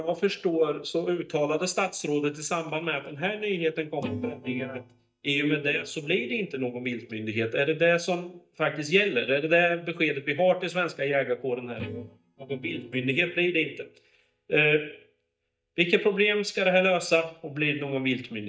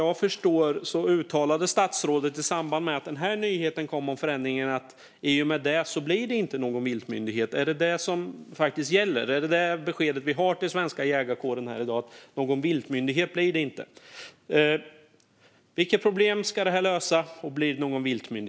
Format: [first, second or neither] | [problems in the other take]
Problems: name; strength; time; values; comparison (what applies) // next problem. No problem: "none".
second | noise reduction (neural mask model DeepFilterNet 3)